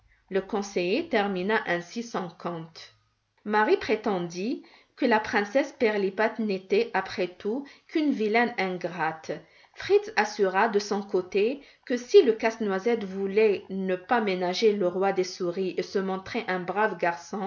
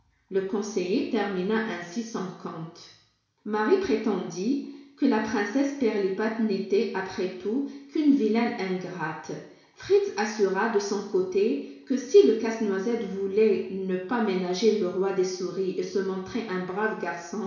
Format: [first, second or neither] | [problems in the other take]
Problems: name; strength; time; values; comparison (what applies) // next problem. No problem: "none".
first | room echo; dies away in 0.7 s